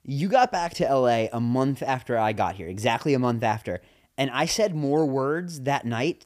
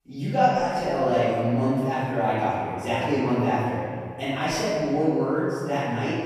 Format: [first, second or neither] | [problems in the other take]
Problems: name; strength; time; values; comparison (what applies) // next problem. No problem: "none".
first | off-mic speech; far // room echo; strong; dies away in 2 s